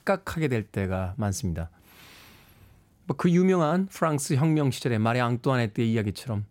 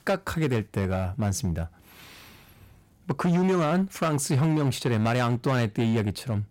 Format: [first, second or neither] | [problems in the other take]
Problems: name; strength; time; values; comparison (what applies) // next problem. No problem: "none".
first | distortion; slight; 11% of the sound clipped